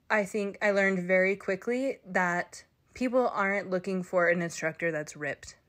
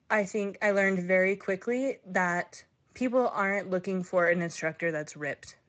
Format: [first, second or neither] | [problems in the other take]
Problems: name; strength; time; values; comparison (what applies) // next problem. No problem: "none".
first | garbled, watery; slightly; nothing above 7.5 kHz